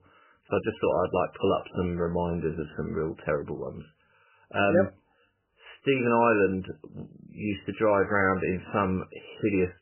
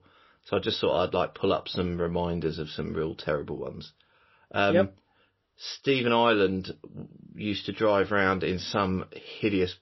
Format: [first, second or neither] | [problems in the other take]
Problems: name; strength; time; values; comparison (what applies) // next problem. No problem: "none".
second | garbled, watery; badly; nothing above 3 kHz; slightly in the second